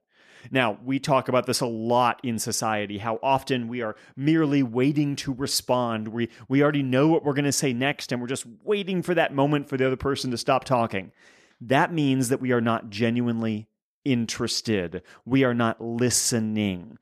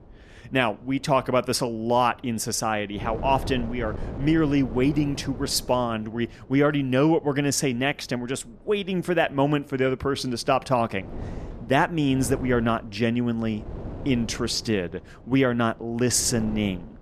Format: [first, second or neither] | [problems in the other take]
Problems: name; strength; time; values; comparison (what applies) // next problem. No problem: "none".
first | wind noise on the microphone; occasional gusts; 20 dB below the speech